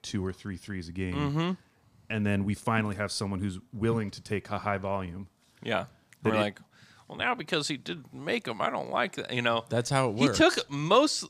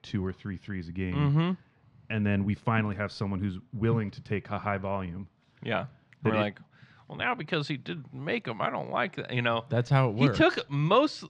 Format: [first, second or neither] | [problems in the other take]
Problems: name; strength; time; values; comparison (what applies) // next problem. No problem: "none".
first | muffled; slightly; fading above 3 kHz